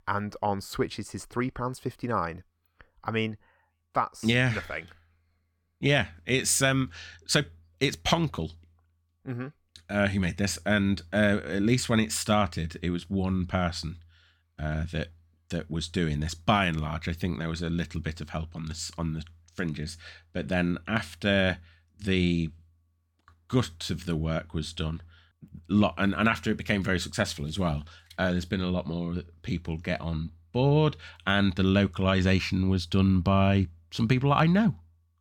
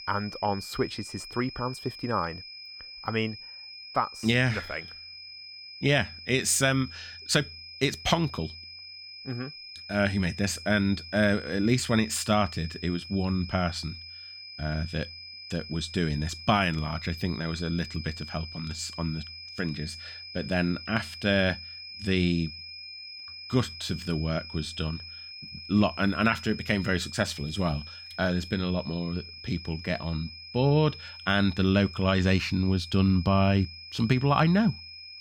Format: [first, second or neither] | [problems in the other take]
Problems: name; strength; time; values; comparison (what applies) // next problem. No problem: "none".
first | high-pitched whine; noticeable; throughout; 5 kHz, 15 dB below the speech